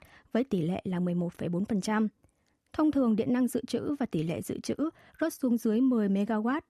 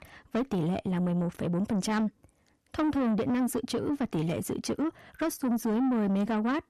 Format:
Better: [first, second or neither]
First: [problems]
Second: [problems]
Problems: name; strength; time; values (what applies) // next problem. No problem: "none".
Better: first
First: none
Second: distortion; slight; 10 dB below the speech